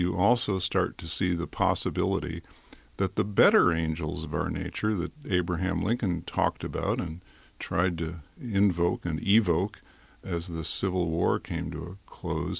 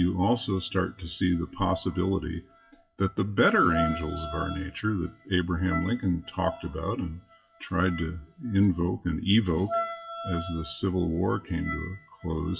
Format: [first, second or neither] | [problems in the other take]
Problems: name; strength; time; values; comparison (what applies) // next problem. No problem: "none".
first | noise reduction (classical method WPE with log-MMSE)